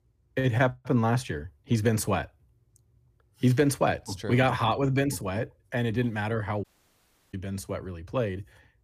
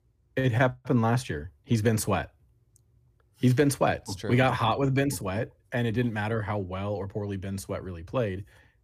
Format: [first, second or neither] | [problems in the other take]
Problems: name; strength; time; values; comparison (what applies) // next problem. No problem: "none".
second | audio cutting out; at 6.5 s for 0.5 s